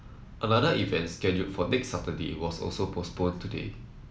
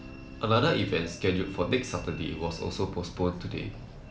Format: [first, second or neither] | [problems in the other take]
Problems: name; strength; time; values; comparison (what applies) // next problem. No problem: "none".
first | background sound (Train + Guitar); 18 dB below the speech